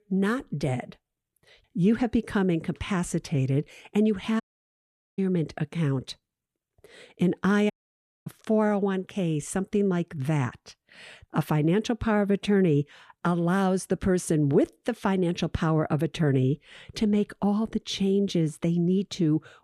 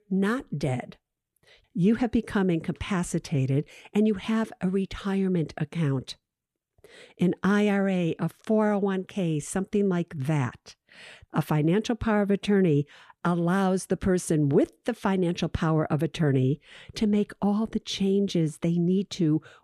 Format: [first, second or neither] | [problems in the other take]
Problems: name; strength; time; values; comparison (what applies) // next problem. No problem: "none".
second | audio cutting out; at 4.5 s for 1 s and at 7.5 s for 0.5 s